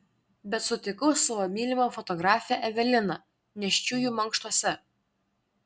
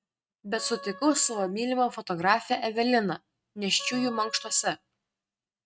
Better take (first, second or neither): first